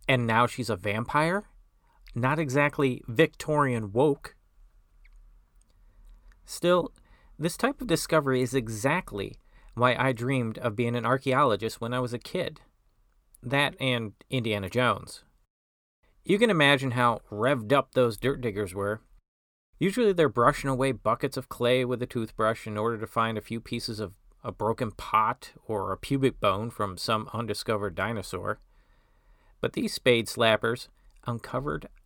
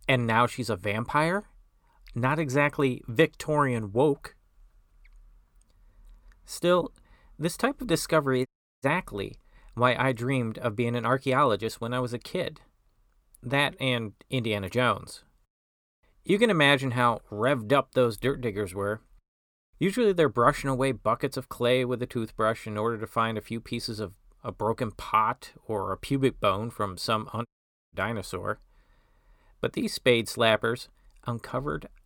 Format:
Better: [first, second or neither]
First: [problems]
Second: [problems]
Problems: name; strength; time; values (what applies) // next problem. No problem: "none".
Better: first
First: none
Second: audio cutting out; at 8.5 s and at 27 s